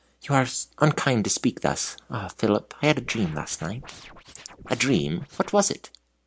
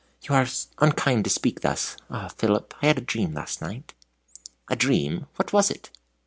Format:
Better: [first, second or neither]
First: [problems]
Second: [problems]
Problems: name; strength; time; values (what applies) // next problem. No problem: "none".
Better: second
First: background sound (Scratching (performance technique)); 20 dB below the speech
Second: none